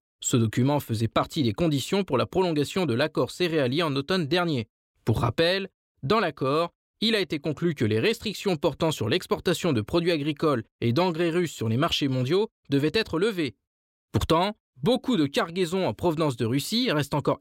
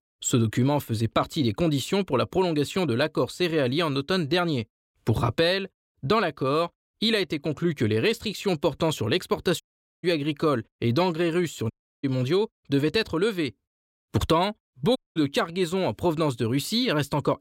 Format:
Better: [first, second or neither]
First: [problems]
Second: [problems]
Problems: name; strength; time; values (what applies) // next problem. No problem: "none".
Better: first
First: none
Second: audio cutting out; at 9.5 s, at 12 s and at 15 s